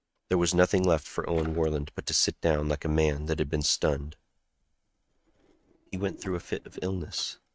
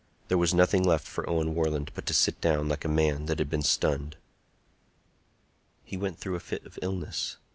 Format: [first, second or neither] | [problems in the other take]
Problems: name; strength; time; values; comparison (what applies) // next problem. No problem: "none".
second | noise reduction (neural mask model RNNoise)